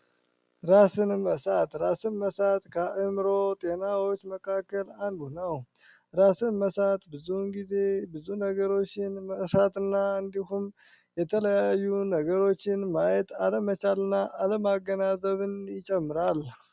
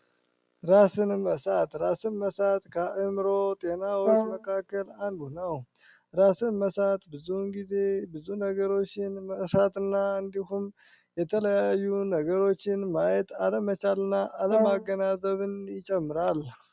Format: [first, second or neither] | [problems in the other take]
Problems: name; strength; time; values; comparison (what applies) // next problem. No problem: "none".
first | background sound (Brass instrument); 3 dB below the speech